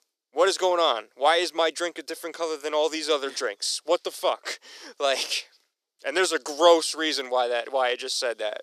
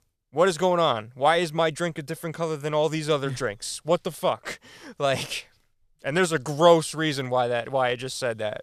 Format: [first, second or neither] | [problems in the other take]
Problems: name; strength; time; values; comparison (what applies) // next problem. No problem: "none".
second | thin; very; fading below 300 Hz